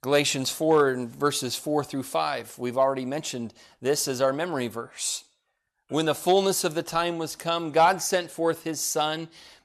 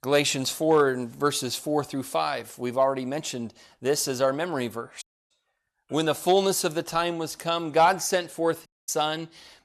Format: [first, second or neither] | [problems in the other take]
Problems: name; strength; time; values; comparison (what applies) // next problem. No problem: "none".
first | audio cutting out; at 5 s and at 8.5 s